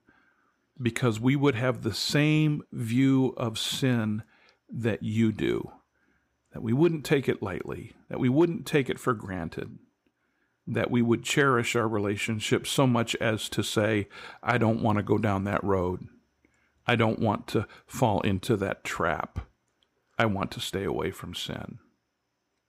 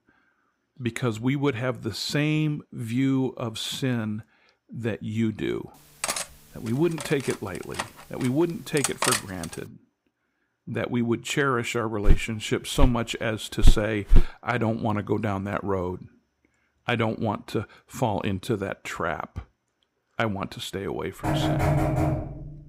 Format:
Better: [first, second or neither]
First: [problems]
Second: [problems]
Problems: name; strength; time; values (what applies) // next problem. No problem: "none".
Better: first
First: none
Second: clattering dishes; loud; from 6 to 9.5 s; peak 4 dB above the speech // footsteps; loud; from 12 to 14 s; peak 3 dB above the speech // door banging; loud; from 21 s on; peak 4 dB above the speech